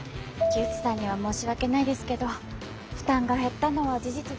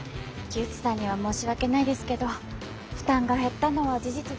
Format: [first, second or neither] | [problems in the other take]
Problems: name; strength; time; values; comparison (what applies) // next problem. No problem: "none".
second | background sound (Marimba, xylophone); 6 dB below the speech